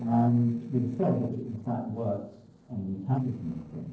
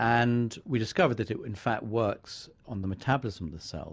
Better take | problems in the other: second | noise reduction (neural separator model SepFormer DNS4)

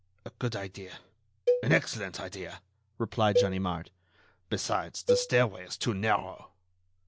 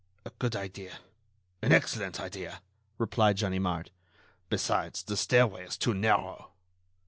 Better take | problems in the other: second | background sound (Cowbell); 2 dB below the speech

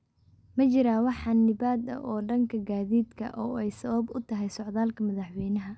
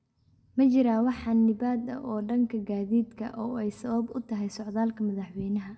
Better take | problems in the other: first | room echo; dies away in 0.8 s

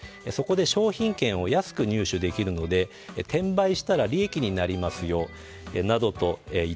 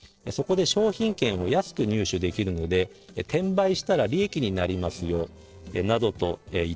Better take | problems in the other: first | noise reduction (neural separator model SepFormer DNS4)

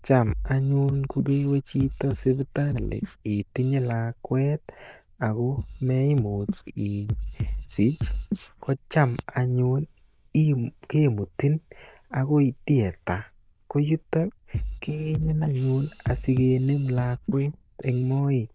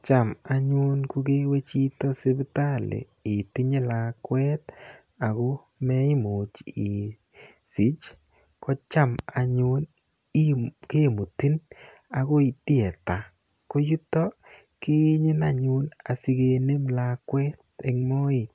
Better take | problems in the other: second | noise reduction (neural diffusion model UNIVERSE++)

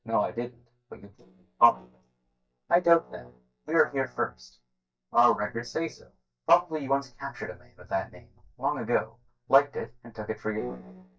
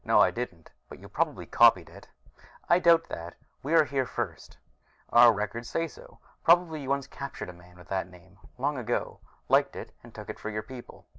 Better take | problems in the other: second | noise reduction (neural mask model DeepFilterNet 3)

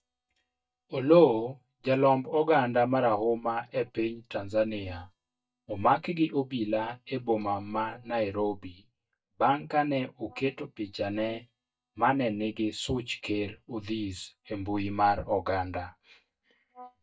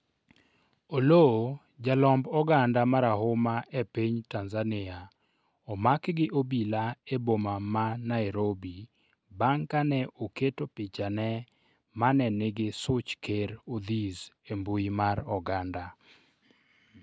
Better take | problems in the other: second | noise reduction (neural mask model DeepFilterNet 3)

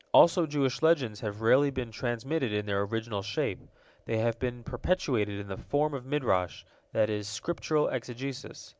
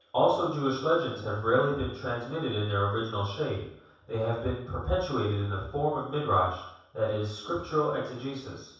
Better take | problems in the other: first | room echo; dies away in 0.7 s

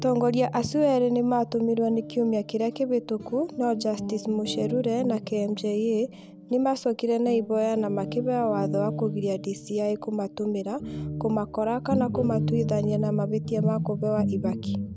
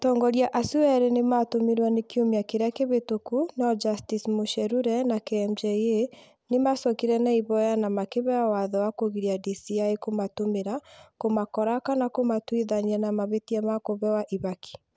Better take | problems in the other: second | background sound (Guitar); 7 dB below the speech

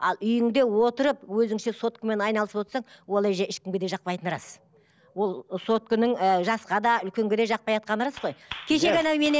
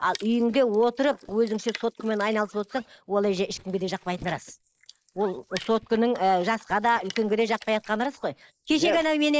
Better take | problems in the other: first | noise reduction (neural mask model Resemble Enhance denoiser)

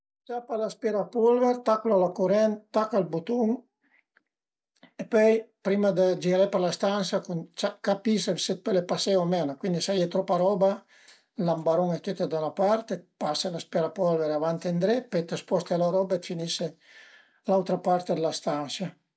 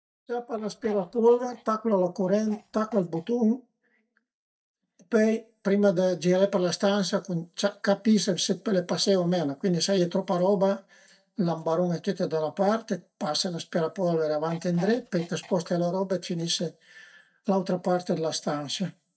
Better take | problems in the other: first | noise reduction (neural mask model DeepFilterNet 3)

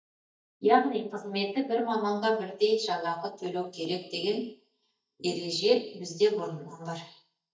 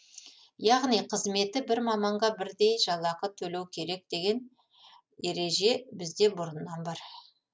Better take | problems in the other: second | noise reduction (neural mask model DeepFilterNet 3)

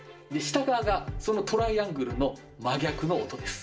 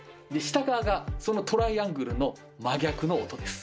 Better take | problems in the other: second | room echo; dies away in 0.5 s

